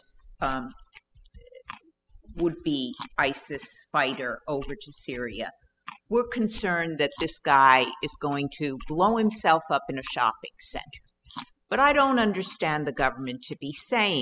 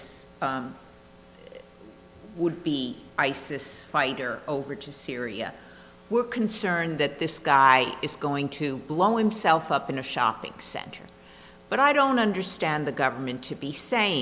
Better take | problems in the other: second | noise reduction (classical method spectral subtraction)

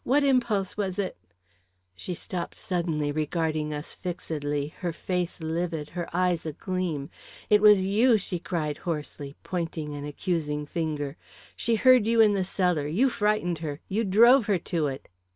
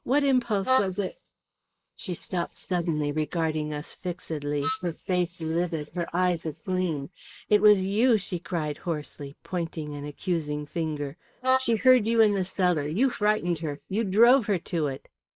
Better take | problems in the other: first | noise reduction (neural mask model Resemble Enhance denoiser)

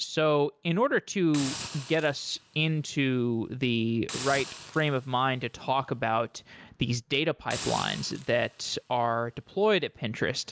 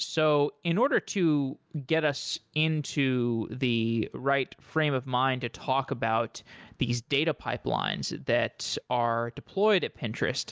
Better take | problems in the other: second | background sound (Hiss); 15 dB below the speech

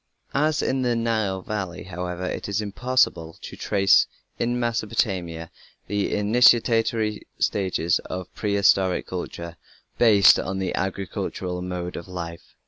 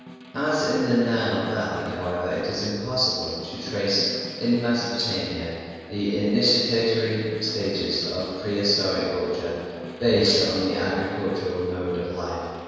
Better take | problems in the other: first | background sound (Snare drum); 16 dB below the speech // room echo; dies away in 1.9 s

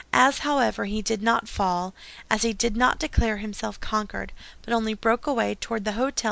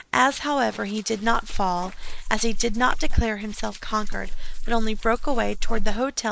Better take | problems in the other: first | noise reduction (neural mask model Resemble Enhance denoiser)

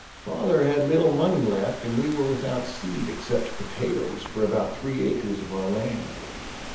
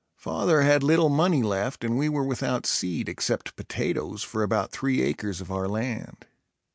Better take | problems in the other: second | background sound (Rain / Thunderstorm); 12 dB below the speech // room echo; dies away in 0.7 s

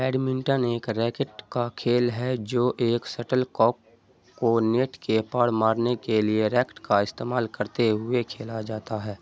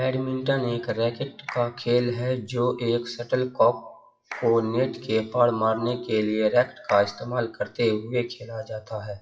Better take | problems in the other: first | noise reduction (classical method WPE with log-MMSE)

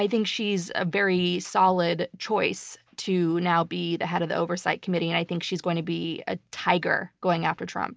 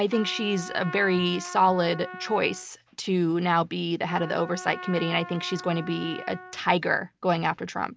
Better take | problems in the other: first | background sound (Trumpet); 15 dB below the speech

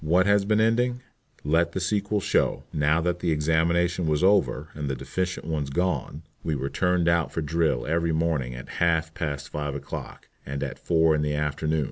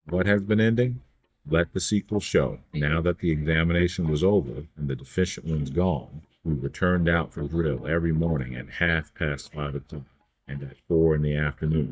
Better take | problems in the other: first | noise reduction (neural mask model DeepFilterNet 3)

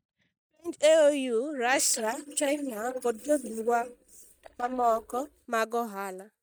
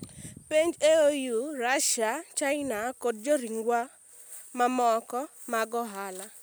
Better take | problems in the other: second | noise reduction (neural mask model DeepFilterNet 3)

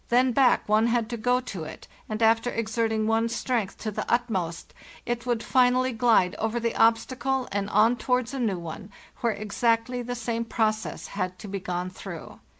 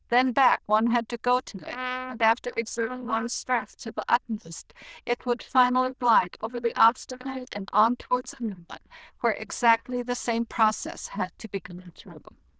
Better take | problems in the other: first | noise reduction (neural diffusion model UNIVERSE++)

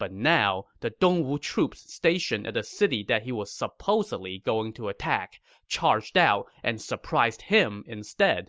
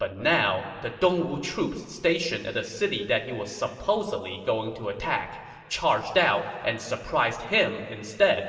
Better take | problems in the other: first | room echo; dies away in 2.2 s

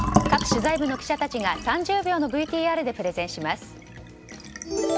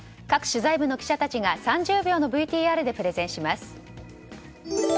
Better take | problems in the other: second | background sound (Fill (with liquid)); 5 dB below the speech

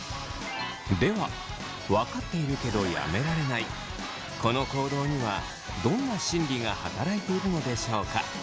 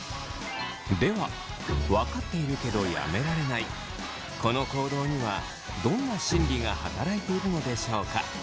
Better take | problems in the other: first | background sound (Bowed string instrument); 9 dB below the speech

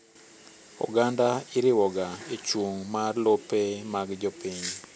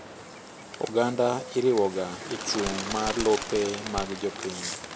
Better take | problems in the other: first | background sound (Bird); 8 dB below the speech

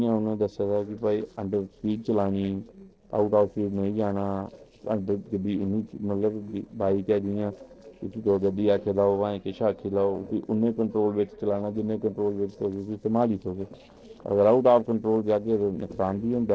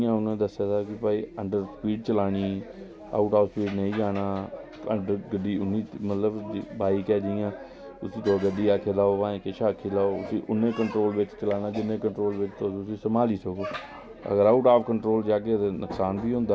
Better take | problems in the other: second | noise reduction (neural separator model SepFormer DNS4)

